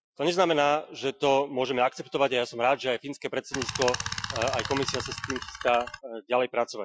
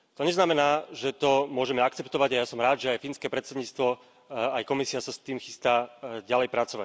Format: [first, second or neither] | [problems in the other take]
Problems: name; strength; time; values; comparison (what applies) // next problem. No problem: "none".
second | noise reduction (classical method Wiener filter)